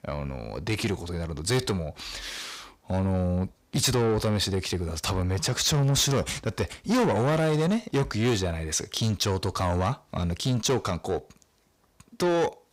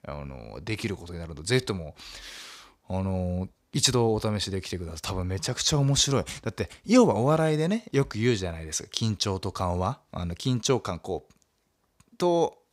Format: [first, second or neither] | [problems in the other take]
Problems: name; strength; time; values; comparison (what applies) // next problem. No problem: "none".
second | distortion; heavy; 7 dB below the speech